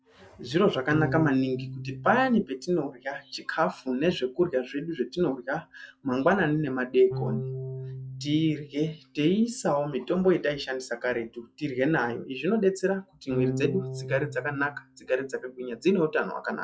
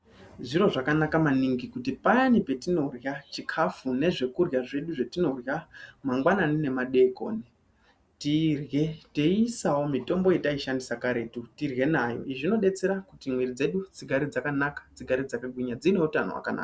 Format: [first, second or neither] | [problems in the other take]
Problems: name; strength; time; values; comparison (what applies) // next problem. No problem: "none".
second | noise reduction (classical method log-MMSE)